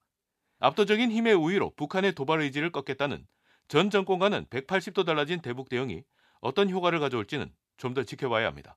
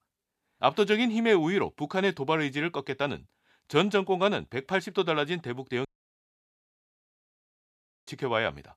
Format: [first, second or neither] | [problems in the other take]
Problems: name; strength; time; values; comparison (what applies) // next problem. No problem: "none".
first | audio cutting out; at 6 s for 2 s